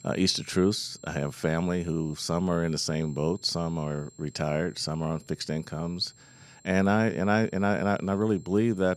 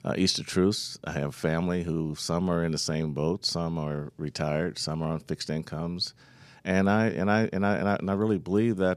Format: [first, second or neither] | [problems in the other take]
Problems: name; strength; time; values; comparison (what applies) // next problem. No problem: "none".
second | high-pitched whine; faint; throughout; 7.5 kHz, 25 dB below the speech